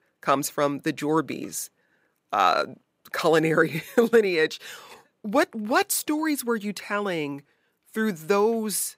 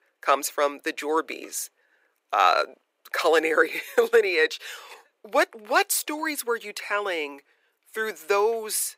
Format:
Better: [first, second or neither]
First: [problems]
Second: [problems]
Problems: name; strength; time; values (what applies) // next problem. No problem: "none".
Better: first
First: none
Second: thin; very; fading below 400 Hz